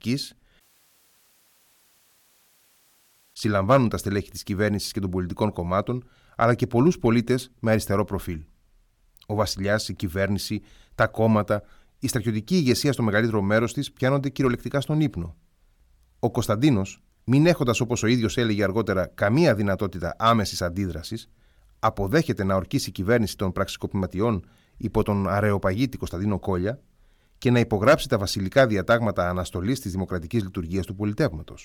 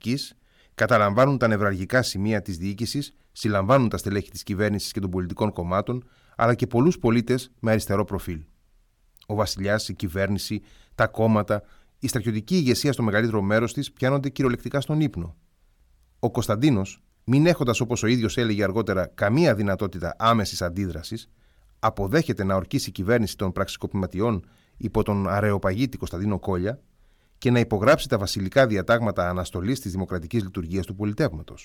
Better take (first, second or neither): second